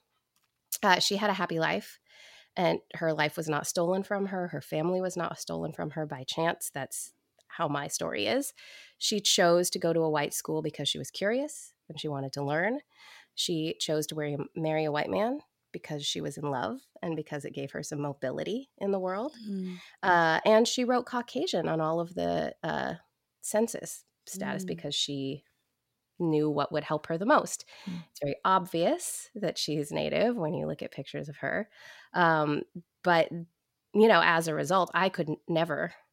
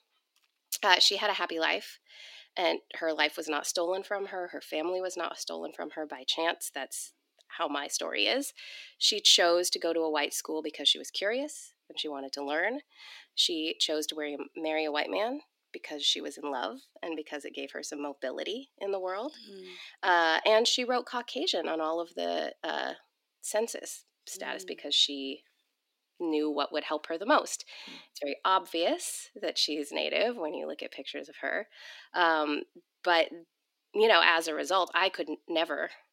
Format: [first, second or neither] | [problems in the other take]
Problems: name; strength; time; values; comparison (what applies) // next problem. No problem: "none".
first | thin; somewhat; fading below 300 Hz